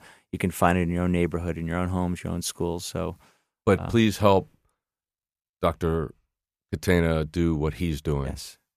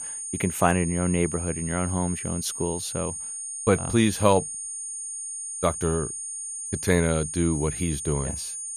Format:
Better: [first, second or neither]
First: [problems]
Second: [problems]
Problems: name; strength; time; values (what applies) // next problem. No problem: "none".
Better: first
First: none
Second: high-pitched whine; loud; throughout; 9 kHz, 5 dB below the speech